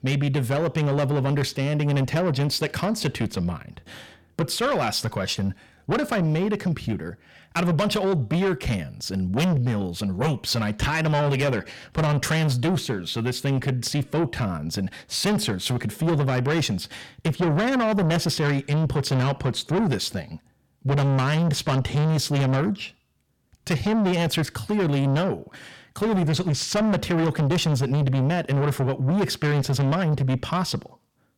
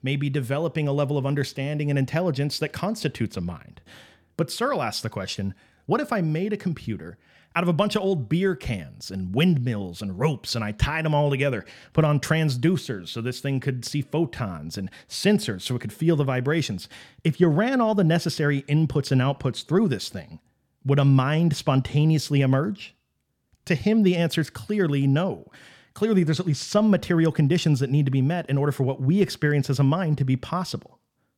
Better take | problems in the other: second | distortion; heavy; 7 dB below the speech

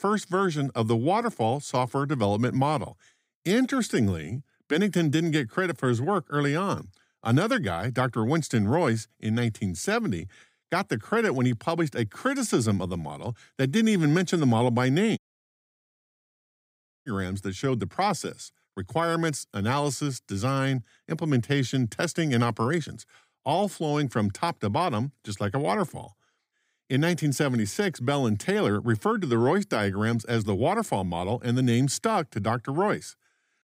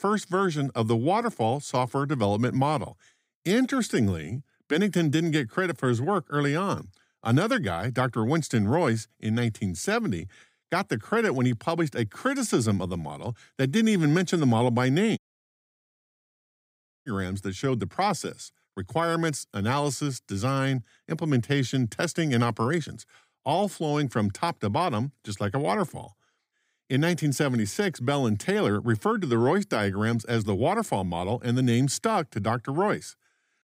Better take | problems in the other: neither | audio cutting out; at 15 s for 2 s; the same in both

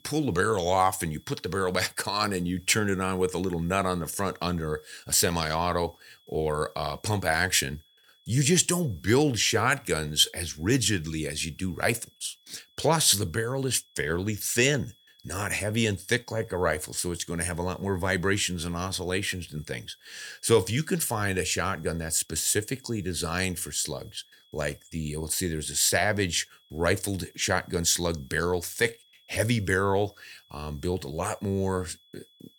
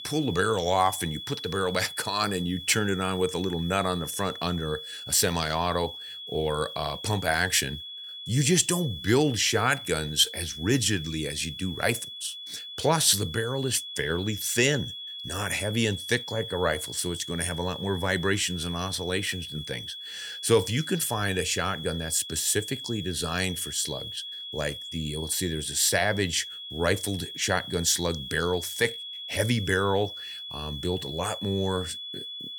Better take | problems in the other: first | high-pitched whine; loud; throughout; 3.5 kHz, 9 dB below the speech; faint in the first

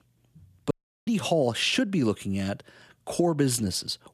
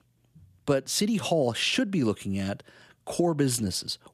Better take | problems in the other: second | audio cutting out; at 0.5 s

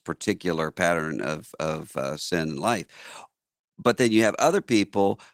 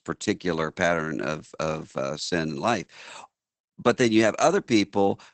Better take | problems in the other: first | garbled, watery; badly; nothing above 8 kHz; slightly in the first

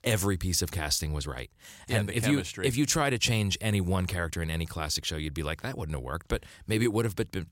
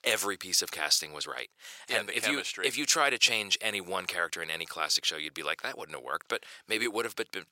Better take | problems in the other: first | thin; very; fading below 500 Hz

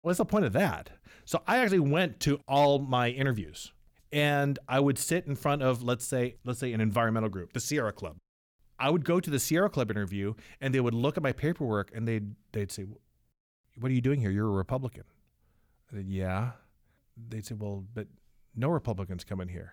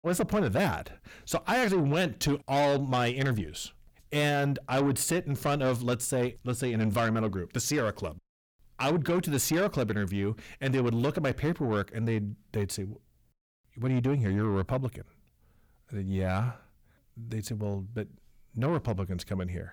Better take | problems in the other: first | distortion; slight; 10 dB below the speech

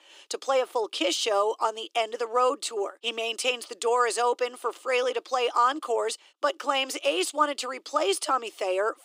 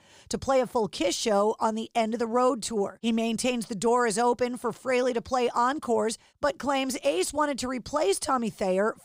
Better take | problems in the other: second | thin; very; fading below 300 Hz

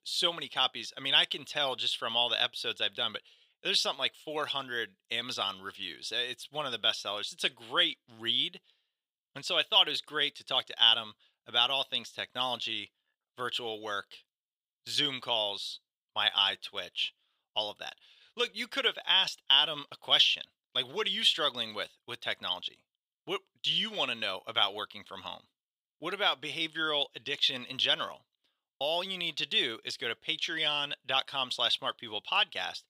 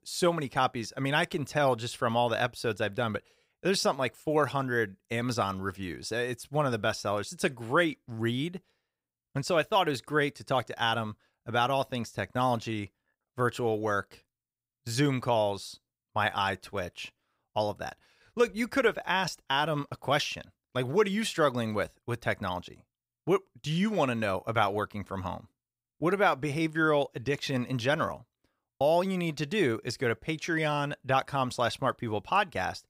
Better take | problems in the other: second | thin; somewhat; fading below 600 Hz

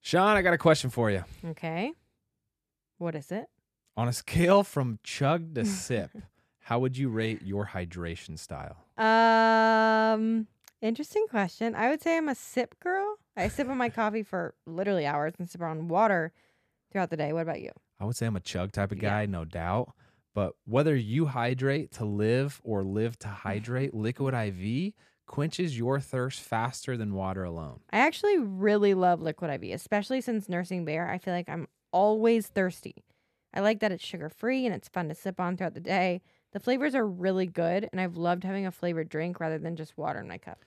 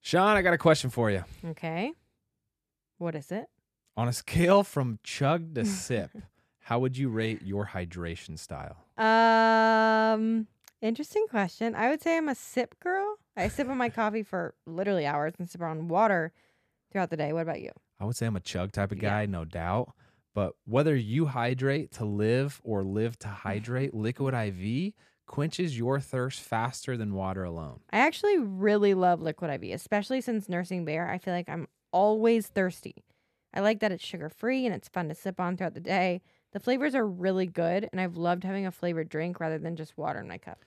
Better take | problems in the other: neither | none

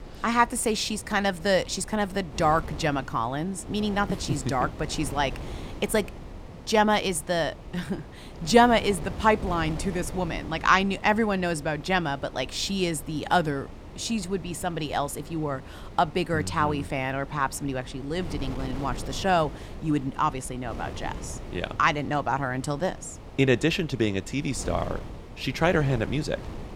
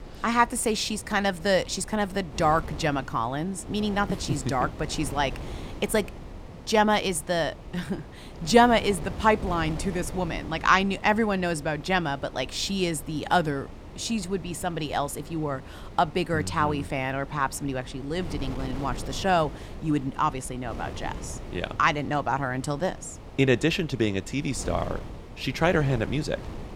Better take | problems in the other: neither | wind noise on the microphone; occasional gusts; 20 dB below the speech; the same in both

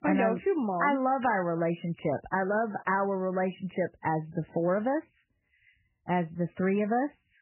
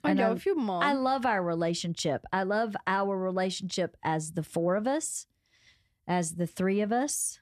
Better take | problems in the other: second | garbled, watery; badly; nothing above 3 kHz

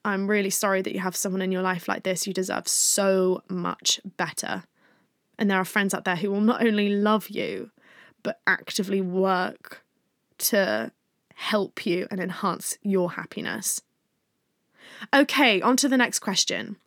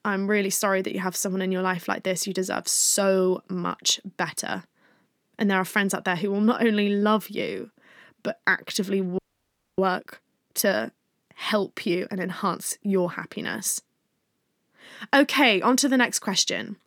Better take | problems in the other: first | audio freezing; at 9 s for 0.5 s

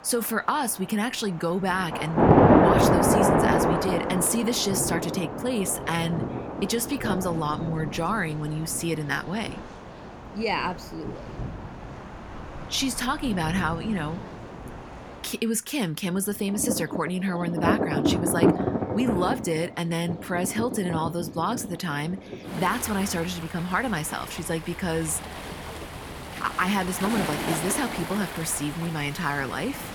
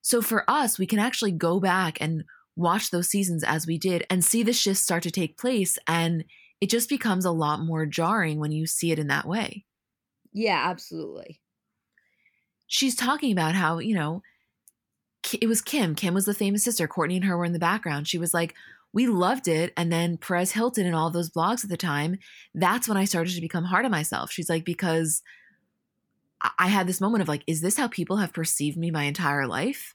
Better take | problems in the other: second | rain or running water; very loud; throughout; as loud as the speech

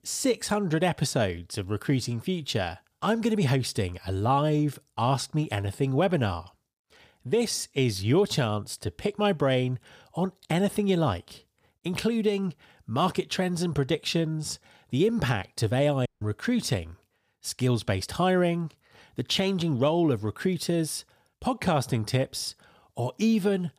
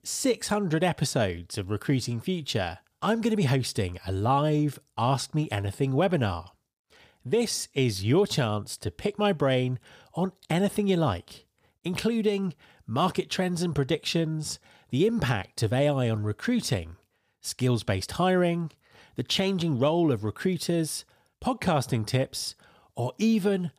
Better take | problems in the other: second | audio cutting out; at 16 s

